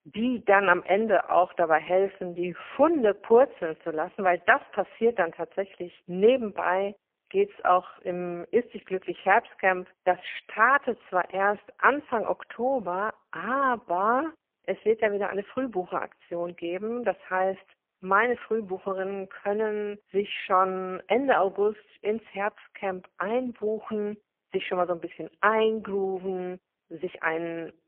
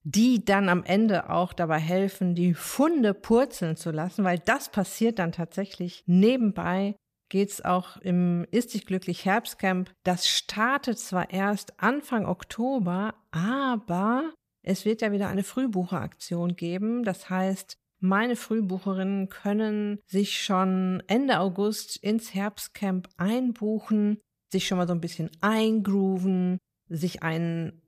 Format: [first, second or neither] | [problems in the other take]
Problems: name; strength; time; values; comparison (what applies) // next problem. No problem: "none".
second | phone-call audio; poor line